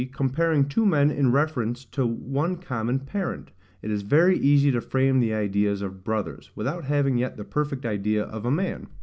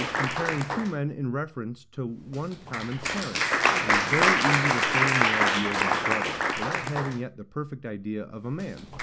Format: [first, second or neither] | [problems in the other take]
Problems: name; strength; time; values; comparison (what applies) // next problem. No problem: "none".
first | background sound (Applause); 5 dB above the speech